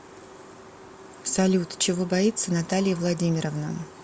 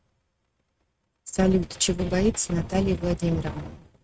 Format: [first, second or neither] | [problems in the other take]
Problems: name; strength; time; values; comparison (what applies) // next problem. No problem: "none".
first | noise reduction (neural mask model RNNoise)